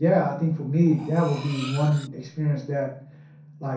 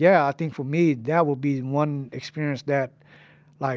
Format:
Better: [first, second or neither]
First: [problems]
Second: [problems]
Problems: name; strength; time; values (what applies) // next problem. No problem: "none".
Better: second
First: background sound (Cutlery, silverware); 17 dB below the speech // room echo; dies away in 0.6 s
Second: none